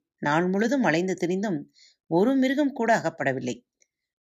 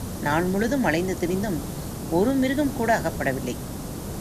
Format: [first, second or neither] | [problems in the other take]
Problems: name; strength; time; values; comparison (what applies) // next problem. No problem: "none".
first | hiss; loud; throughout; 8 dB below the speech